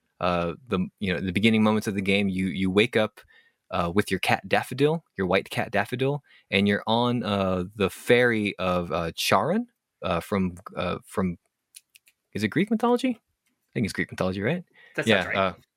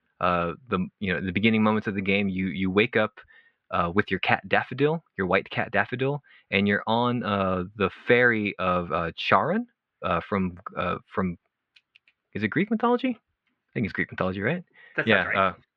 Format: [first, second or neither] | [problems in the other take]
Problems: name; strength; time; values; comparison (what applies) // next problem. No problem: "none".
first | muffled; slightly; fading above 3 kHz